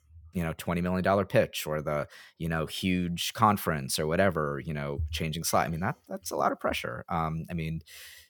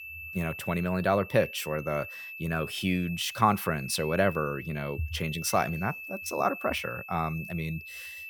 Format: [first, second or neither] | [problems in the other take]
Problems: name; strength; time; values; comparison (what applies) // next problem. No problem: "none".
first | high-pitched whine; noticeable; throughout; 2.5 kHz, 10 dB below the speech